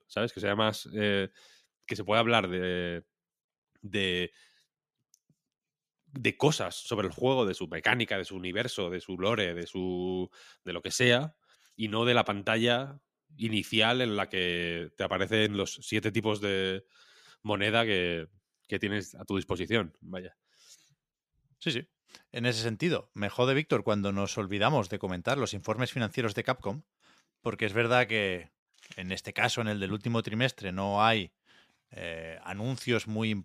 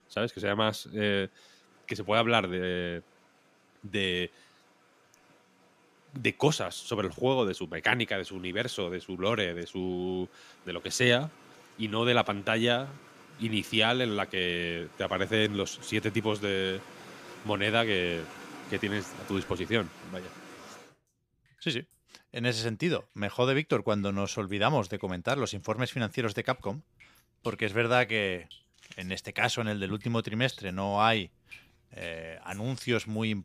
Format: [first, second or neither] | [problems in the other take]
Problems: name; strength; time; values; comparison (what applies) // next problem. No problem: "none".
first | rain or running water; faint; throughout; 20 dB below the speech